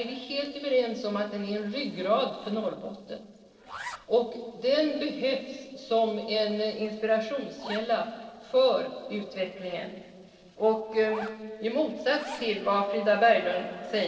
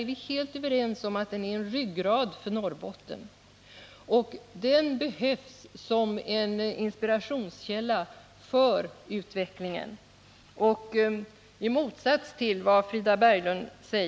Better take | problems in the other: second | noise reduction (neural separator model SepFormer DNS4)

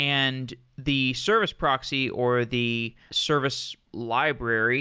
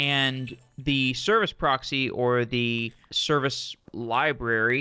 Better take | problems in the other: first | noise reduction (neural separator model SepFormer DNS4)

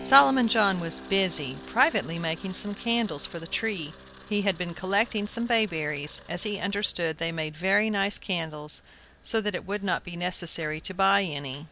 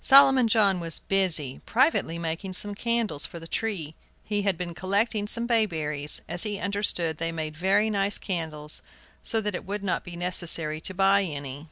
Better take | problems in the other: second | background sound (Keyboard (musical) + Camera); 18 dB below the speech

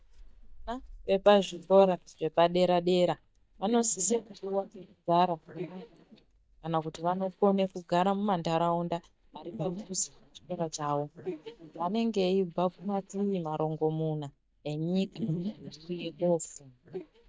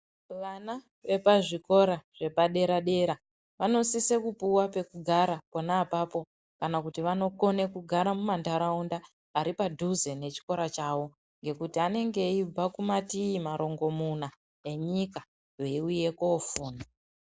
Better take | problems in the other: second | noise reduction (neural mask model DeepFilterNet 3)

